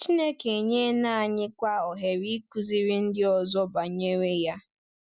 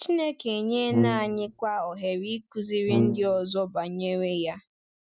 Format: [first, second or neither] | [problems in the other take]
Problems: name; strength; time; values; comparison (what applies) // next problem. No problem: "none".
first | noise reduction (neural mask model RNNoise)